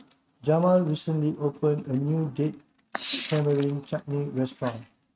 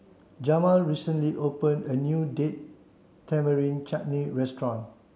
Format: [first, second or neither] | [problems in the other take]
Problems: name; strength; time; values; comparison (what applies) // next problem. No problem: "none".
second | noise reduction (neural mask model RNNoise)